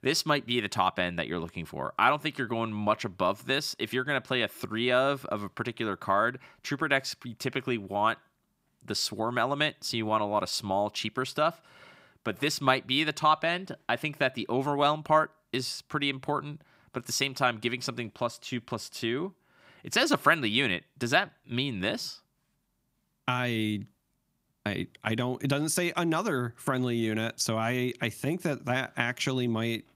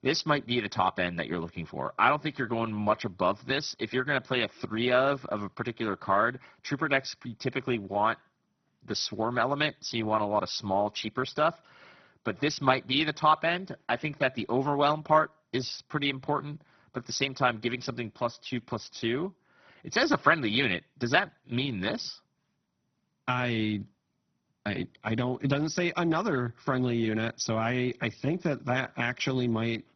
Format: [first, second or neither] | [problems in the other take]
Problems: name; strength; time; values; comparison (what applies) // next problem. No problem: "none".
first | garbled, watery; badly; nothing above 6 kHz